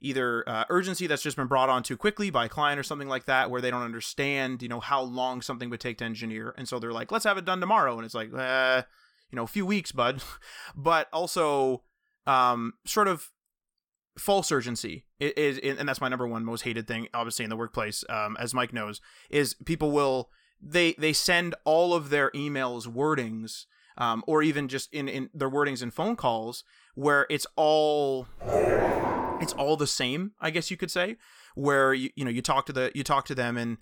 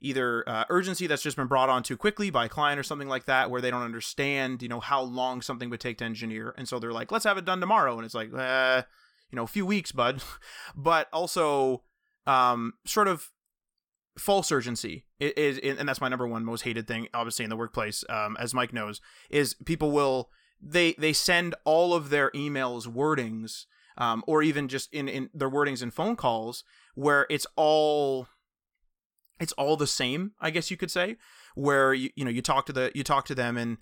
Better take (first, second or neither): second